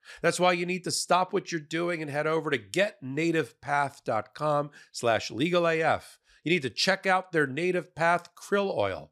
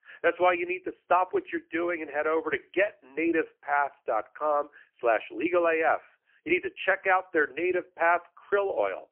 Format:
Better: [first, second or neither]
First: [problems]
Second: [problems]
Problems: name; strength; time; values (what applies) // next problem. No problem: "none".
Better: first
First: none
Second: phone-call audio; poor line